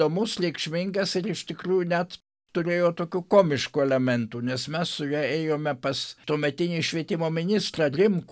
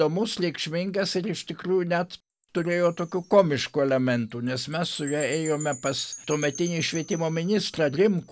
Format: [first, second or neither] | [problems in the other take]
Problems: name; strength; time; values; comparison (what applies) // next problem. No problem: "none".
first | background sound (Wind chime); 19 dB below the speech